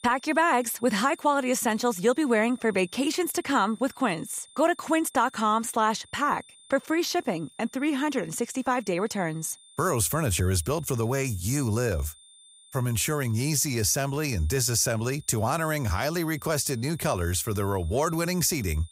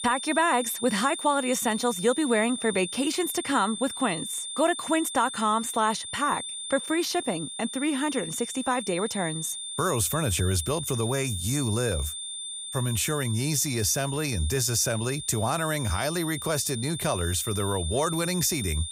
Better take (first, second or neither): first